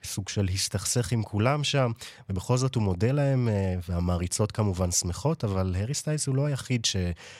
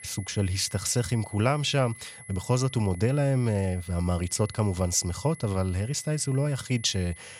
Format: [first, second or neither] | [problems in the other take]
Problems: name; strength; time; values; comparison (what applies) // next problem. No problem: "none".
first | high-pitched whine; noticeable; throughout; 2 kHz, 20 dB below the speech